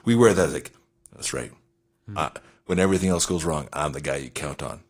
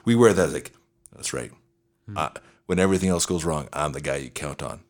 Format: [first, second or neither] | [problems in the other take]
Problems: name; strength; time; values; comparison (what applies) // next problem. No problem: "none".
second | garbled, watery; slightly; nothing above 15 kHz